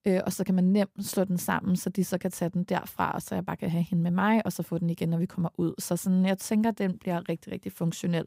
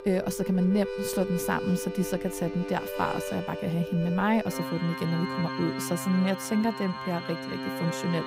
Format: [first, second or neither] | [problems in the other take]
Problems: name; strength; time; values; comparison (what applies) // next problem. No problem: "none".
first | background music; loud; throughout; 6 dB below the speech